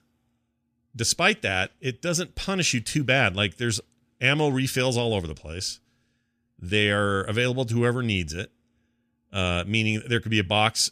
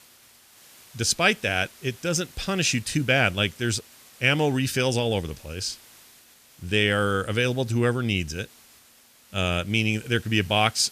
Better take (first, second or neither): first